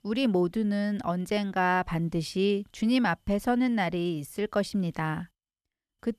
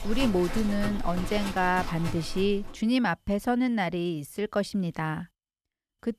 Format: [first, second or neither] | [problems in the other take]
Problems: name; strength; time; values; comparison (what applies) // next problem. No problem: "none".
first | animal sounds; very faint; until 2.5 s; 9 dB below the speech